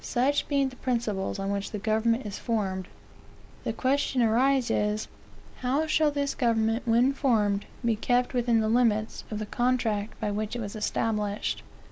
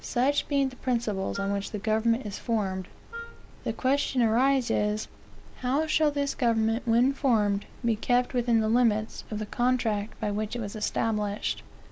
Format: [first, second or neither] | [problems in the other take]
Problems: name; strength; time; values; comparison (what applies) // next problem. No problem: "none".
first | background sound (Wind instrument, woodwind instrument); 17 dB below the speech